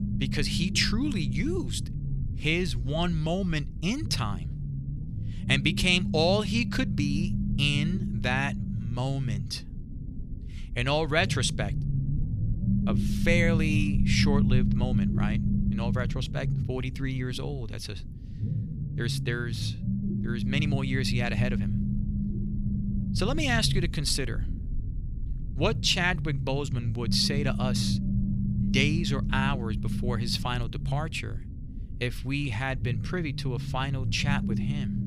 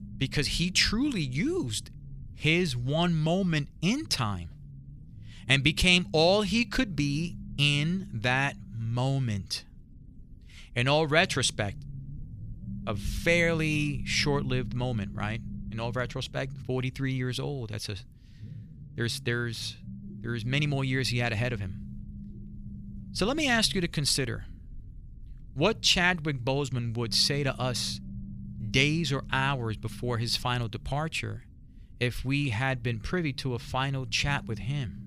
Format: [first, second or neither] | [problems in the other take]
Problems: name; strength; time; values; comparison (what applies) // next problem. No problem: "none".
second | low rumble; loud; throughout; 10 dB below the speech; faint in the second